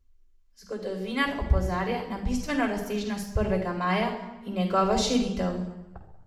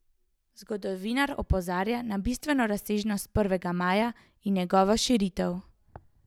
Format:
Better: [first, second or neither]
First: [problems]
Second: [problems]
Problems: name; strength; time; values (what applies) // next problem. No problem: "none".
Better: second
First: room echo; dies away in 0.8 s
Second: none